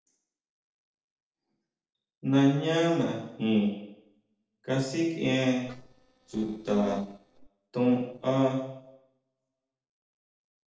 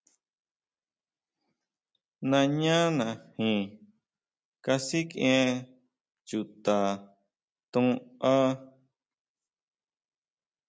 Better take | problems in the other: second | noise reduction (neural separator model SepFormer DNS4)

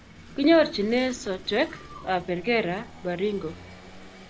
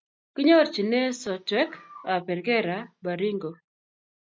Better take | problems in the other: second | background sound (Engine / Vehicle); 18 dB below the speech

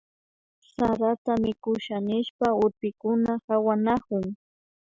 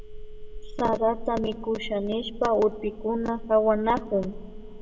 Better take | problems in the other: first | background sound (Telephone); 12 dB below the speech // room echo; dies away in 0.8 s

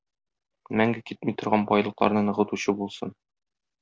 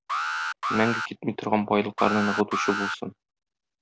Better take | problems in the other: first | background sound (Alarm); 3 dB below the speech

